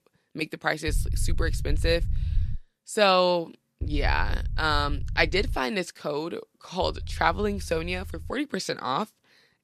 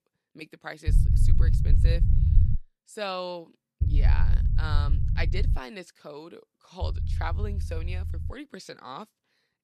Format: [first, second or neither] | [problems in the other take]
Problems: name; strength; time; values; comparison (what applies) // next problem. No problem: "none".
first | low rumble; loud; from 1 to 2.5 s, from 4 to 5.5 s and from 7 to 8.5 s; 6 dB below the speech; faint in the first